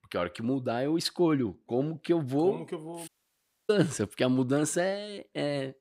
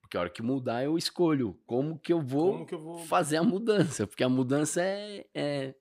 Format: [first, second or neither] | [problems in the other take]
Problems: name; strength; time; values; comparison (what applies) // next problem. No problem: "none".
second | audio cutting out; at 3 s for 0.5 s